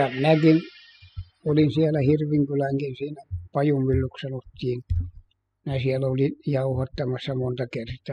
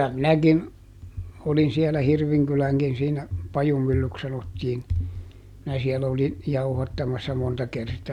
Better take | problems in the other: second | noise reduction (classical method spectral subtraction)

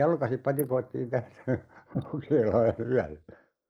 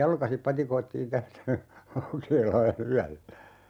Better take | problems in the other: second | noise reduction (neural mask model Resemble Enhance denoiser)

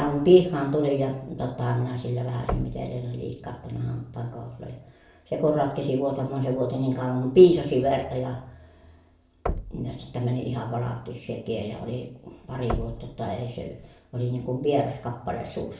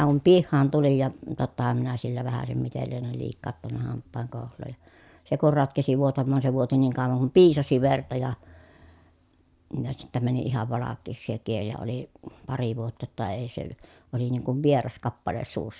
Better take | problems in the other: second | background sound (Knock); 13 dB below the speech // room echo; dies away in 0.5 s

